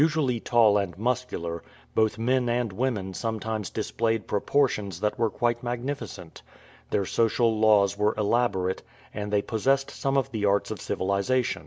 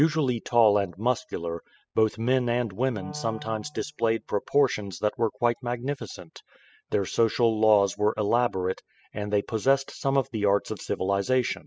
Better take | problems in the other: first | noise reduction (classical method spectral subtraction)

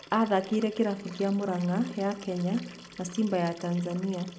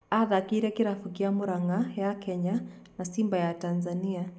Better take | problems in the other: second | background sound (Liquid); 19 dB below the speech

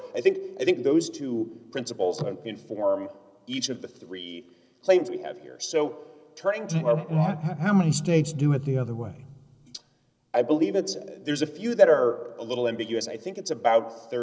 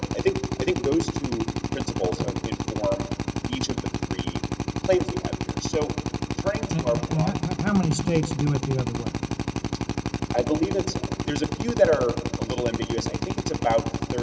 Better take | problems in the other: first | background sound (Drill); 1 dB below the speech

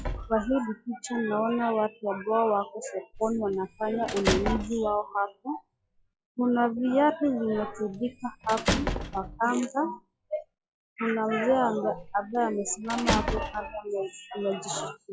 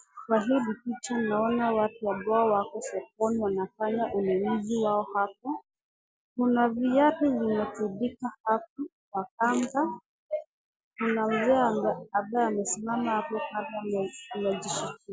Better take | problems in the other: second | noise reduction (classical method log-MMSE)

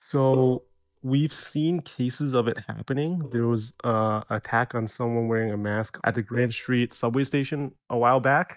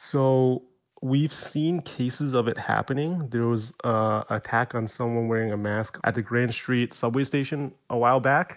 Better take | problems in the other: second | noise reduction (neural mask model DeepFilterNet 3)

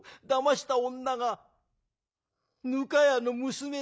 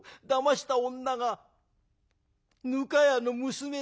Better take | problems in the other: second | noise reduction (neural mask model Resemble Enhance denoiser)

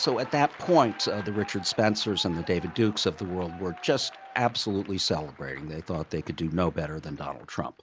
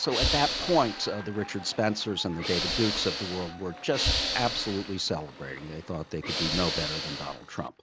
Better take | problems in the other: first | background sound (Hiss / Breathing); 3 dB below the speech

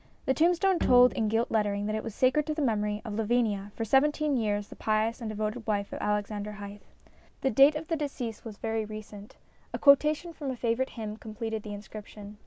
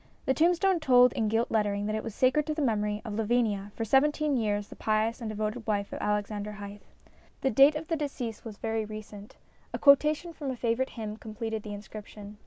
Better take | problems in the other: second | background sound (Bowed string instrument); 7 dB below the speech

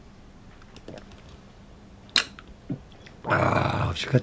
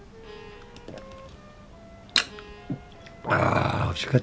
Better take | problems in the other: first | background sound (Wind instrument, woodwind instrument + Bowed string instrument); 20 dB below the speech

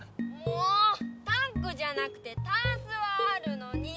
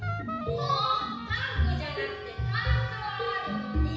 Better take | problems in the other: first | background sound (Wind instrument, woodwind instrument); 11 dB below the speech // room echo; dies away in 1.1 s

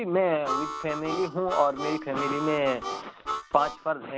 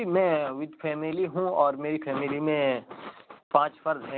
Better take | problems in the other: second | background sound (Harmonica); 6 dB below the speech

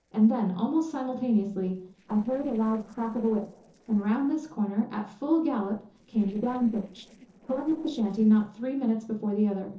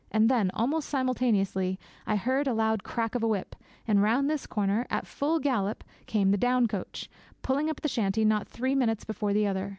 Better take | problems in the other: second | noise reduction (neural separator model SepFormer DNS4)

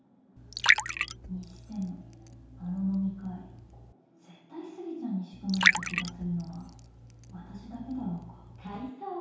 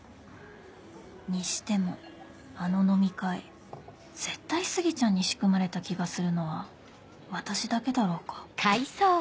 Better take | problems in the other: second | background sound (Liquid); 4 dB above the speech // room echo; dies away in 0.8 s

